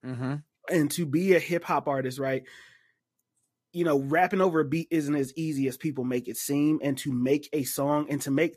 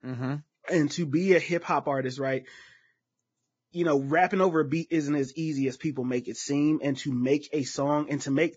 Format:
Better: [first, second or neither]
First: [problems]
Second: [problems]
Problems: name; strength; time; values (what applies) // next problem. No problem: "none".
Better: first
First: garbled, watery; slightly; nothing above 14.5 kHz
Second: garbled, watery; badly; nothing above 7.5 kHz